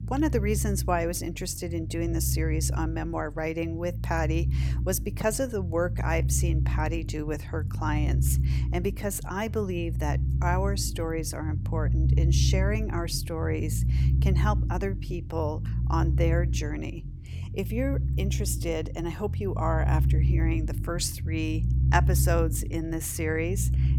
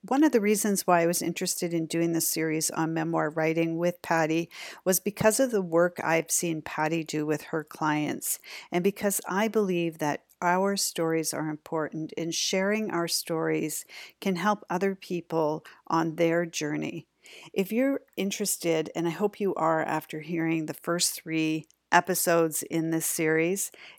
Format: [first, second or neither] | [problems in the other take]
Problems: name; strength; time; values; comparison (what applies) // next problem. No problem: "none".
second | low rumble; noticeable; throughout; 10 dB below the speech